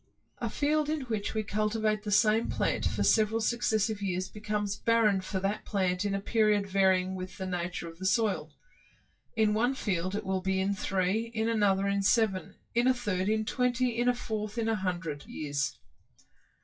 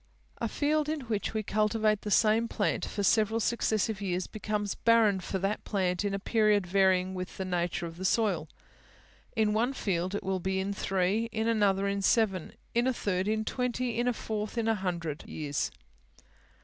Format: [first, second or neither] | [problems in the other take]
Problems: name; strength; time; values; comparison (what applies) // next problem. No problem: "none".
second | noise reduction (classical method WPE with log-MMSE)